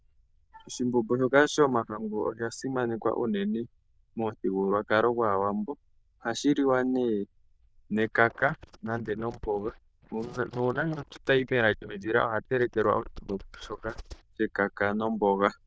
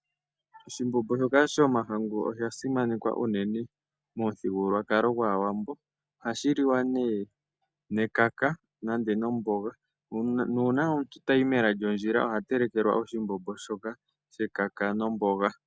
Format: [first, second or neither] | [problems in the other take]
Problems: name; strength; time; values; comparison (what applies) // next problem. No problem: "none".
second | noise reduction (neural diffusion model UNIVERSE++)